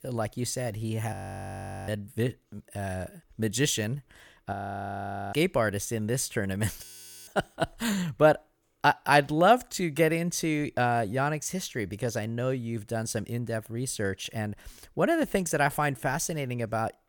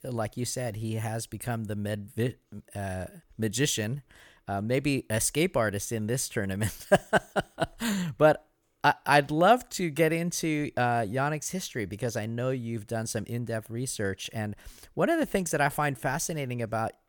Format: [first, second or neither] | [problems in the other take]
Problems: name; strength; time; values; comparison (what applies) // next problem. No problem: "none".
second | audio freezing; at 1 s for 1 s, at 4.5 s for 1 s and at 7 s